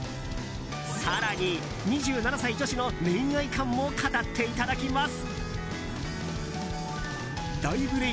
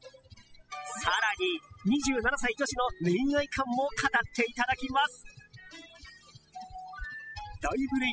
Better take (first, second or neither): first